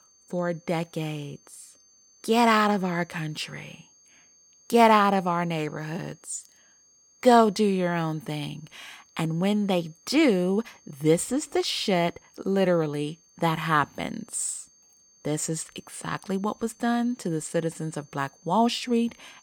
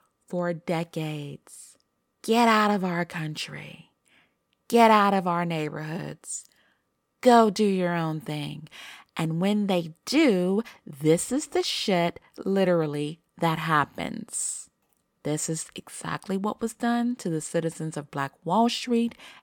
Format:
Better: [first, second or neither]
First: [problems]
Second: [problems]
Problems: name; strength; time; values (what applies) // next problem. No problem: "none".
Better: second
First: high-pitched whine; faint; throughout; 6.5 kHz, 30 dB below the speech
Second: none